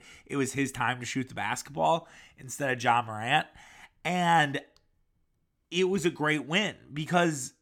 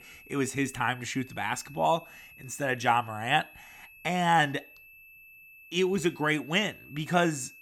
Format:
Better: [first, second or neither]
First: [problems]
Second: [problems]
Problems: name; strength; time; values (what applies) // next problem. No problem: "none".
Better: first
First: none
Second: high-pitched whine; faint; throughout; 2.5 kHz, 20 dB below the speech